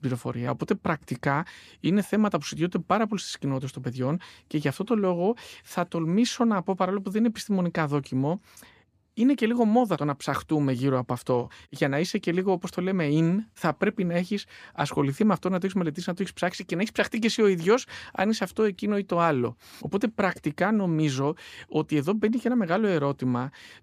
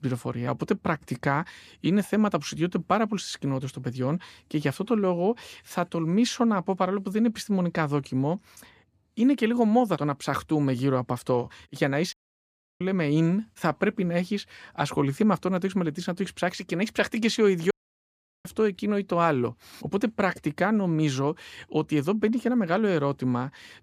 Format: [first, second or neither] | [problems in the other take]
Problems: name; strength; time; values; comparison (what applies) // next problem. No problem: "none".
first | audio cutting out; at 12 s for 0.5 s and at 18 s for 0.5 s